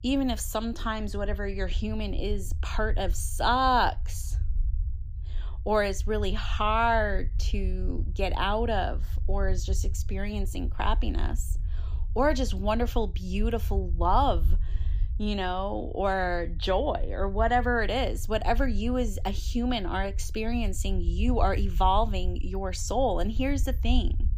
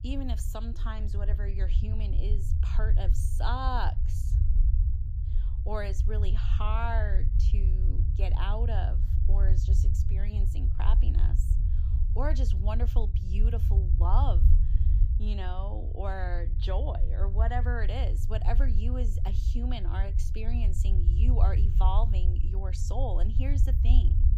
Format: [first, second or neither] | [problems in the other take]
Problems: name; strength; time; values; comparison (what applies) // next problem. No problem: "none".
first | low rumble; loud; throughout; 8 dB below the speech; faint in the first